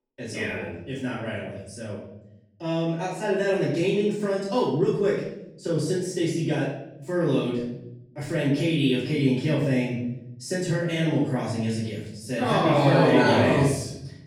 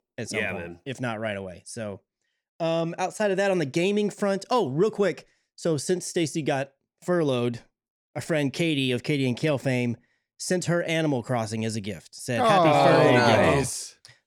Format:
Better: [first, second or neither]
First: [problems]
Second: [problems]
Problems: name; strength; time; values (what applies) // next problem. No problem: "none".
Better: second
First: off-mic speech; far // room echo; noticeable; dies away in 0.8 s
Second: none